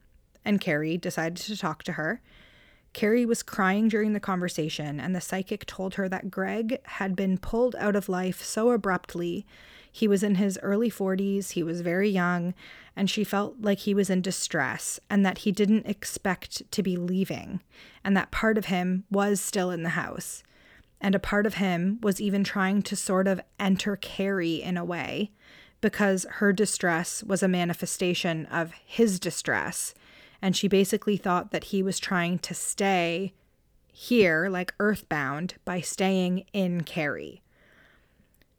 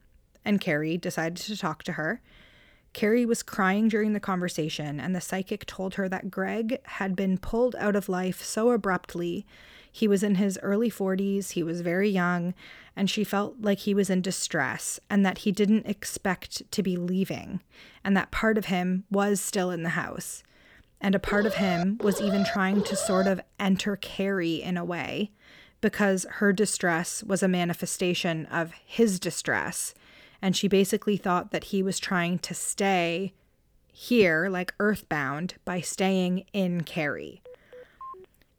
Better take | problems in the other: first | alarm; noticeable; from 21 to 23 s; peak 4 dB below the speech // phone ringing; faint; at 37 s; peak 15 dB below the speech

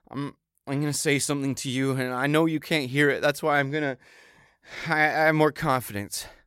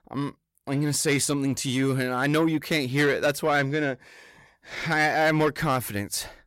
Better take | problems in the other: first | distortion; slight; 10 dB below the speech

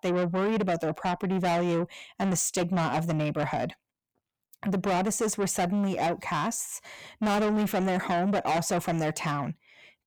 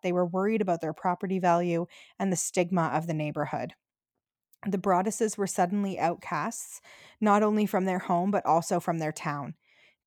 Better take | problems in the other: second | distortion; heavy; 7 dB below the speech

